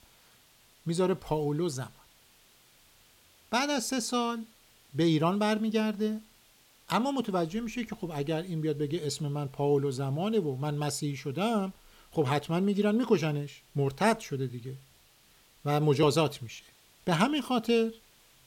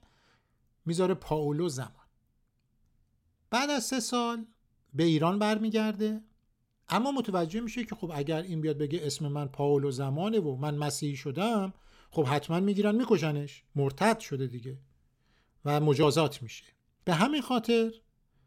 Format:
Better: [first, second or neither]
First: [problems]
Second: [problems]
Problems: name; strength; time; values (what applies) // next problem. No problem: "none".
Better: second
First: hiss; faint; throughout; 30 dB below the speech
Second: none